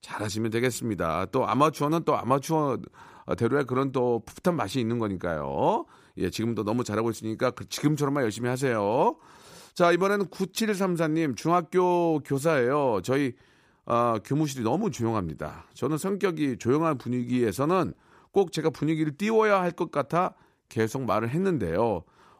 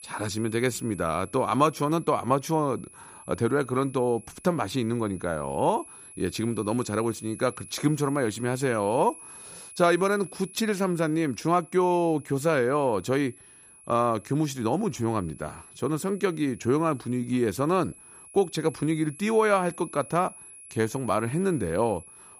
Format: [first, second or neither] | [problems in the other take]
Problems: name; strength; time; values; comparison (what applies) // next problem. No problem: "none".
first | high-pitched whine; noticeable; throughout; 11 kHz, 20 dB below the speech